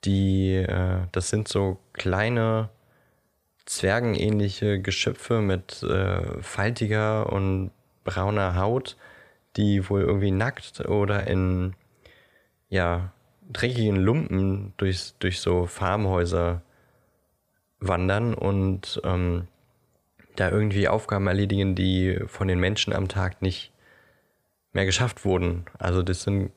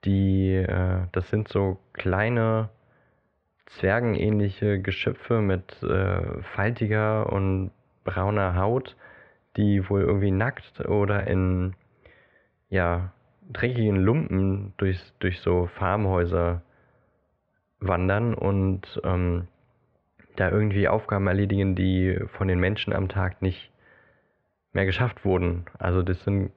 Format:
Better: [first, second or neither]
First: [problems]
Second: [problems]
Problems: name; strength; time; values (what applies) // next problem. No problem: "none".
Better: first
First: none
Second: muffled; very; fading above 2.5 kHz